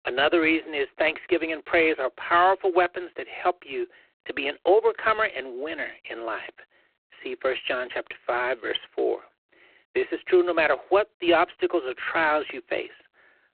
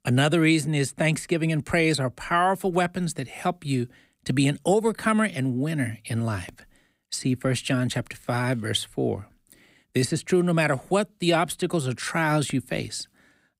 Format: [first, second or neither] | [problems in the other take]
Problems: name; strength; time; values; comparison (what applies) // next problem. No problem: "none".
second | phone-call audio; poor line